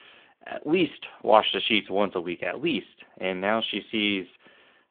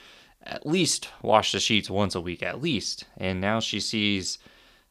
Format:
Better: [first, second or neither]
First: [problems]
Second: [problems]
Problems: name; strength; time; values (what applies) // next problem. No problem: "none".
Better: second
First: phone-call audio; nothing above 3.5 kHz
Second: none